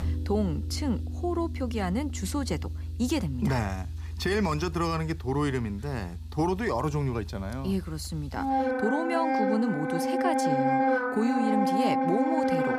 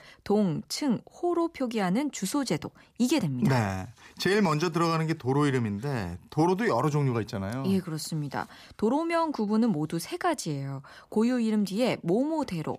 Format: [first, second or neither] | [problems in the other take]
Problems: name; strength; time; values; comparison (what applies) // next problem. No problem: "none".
second | background music; loud; throughout; as loud as the speech